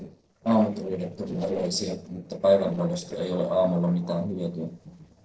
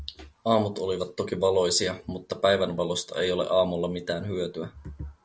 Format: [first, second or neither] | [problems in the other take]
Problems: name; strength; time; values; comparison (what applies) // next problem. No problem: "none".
second | noise reduction (neural separator model SepFormer DNS4)